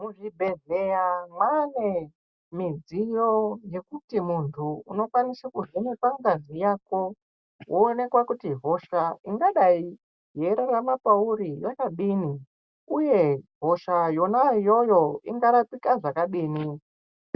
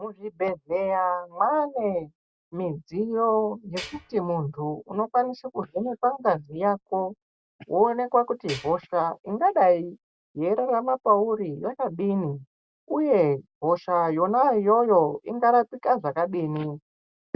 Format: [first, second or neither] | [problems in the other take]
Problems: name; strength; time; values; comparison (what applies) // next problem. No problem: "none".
first | background sound (Tools); 13 dB below the speech